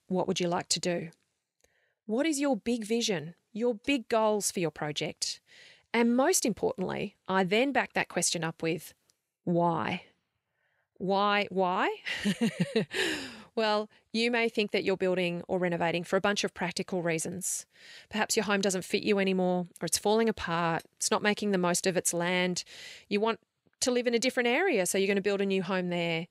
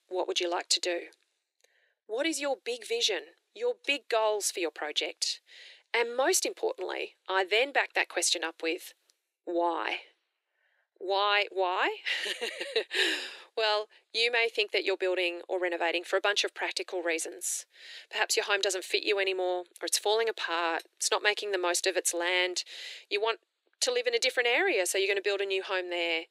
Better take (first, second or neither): first